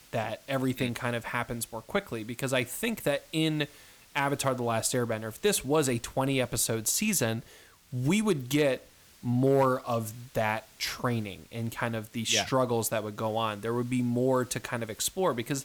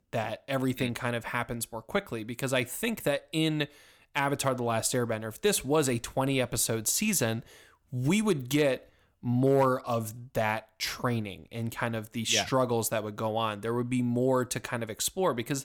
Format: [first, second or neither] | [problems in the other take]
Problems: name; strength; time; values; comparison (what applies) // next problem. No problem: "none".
second | hiss; faint; throughout; 25 dB below the speech